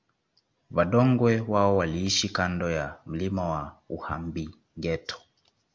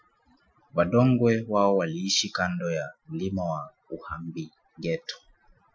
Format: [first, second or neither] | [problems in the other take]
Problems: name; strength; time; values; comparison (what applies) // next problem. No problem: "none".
first | noise reduction (classical method Wiener filter)